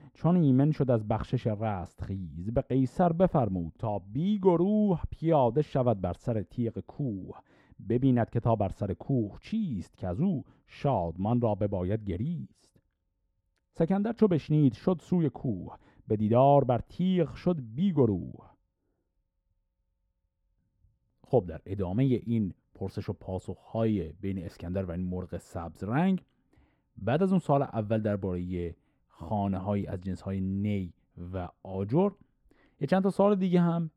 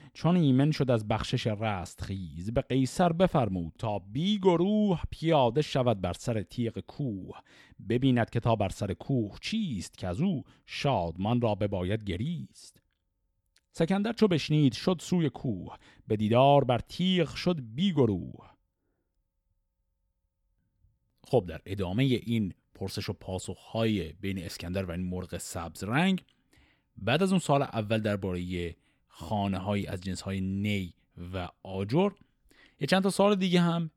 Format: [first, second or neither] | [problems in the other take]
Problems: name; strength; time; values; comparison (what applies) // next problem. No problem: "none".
second | muffled; very; fading above 2 kHz